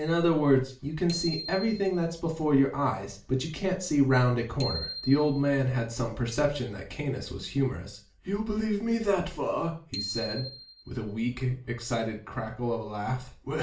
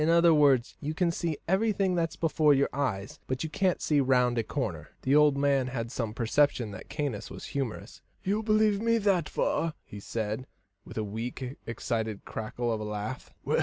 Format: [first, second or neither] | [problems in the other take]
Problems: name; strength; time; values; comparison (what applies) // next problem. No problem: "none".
second | background sound (Bicycle bell); 15 dB below the speech // room echo; dies away in 0.4 s